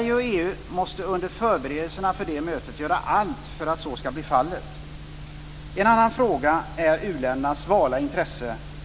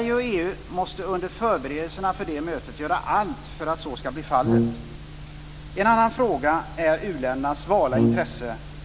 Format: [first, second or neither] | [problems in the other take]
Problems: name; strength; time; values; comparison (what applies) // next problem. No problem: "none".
first | background sound (Brass instrument); 1 dB above the speech